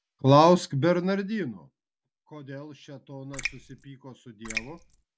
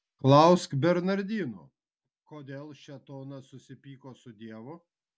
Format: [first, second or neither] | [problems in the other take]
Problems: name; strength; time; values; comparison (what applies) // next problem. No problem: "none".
second | background sound (Raindrop); 11 dB below the speech